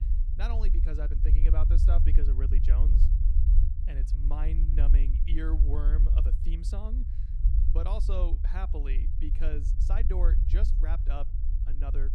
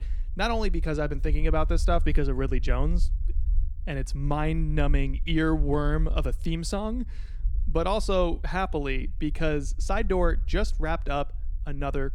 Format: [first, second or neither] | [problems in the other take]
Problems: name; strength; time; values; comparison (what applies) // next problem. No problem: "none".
second | low rumble; loud; throughout; 5 dB below the speech; faint in the second